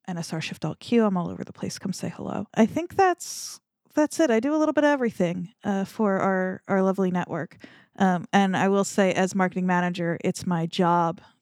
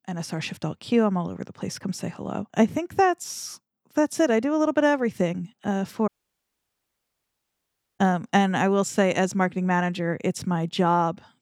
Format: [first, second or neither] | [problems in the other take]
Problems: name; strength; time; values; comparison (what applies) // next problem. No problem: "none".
first | audio cutting out; at 6 s for 2 s